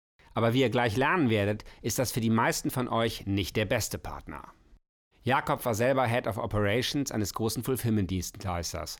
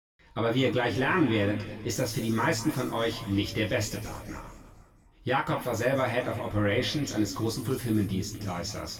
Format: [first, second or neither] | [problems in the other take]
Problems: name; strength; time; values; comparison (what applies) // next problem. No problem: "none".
first | room echo; noticeable; dies away in 1.9 s // off-mic speech; far